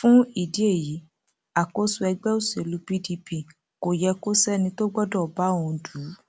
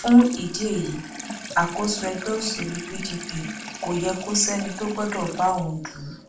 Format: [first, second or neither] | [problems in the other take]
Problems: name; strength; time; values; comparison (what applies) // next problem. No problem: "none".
first | background sound (Sink (filling or washing) / Water tap, faucet); 12 dB below the speech // room echo; dies away in 0.4 s